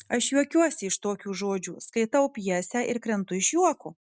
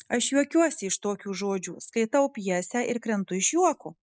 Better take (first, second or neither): first